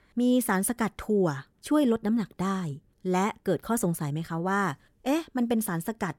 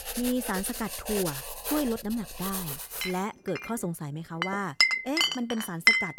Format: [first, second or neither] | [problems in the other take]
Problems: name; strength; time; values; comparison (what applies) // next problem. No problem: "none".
first | household noises; very loud; throughout; 5 dB above the speech